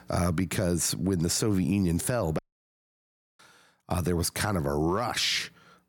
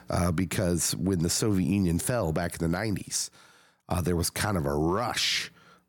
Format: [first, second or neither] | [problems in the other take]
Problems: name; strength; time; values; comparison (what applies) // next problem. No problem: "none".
second | audio cutting out; at 2.5 s for 1 s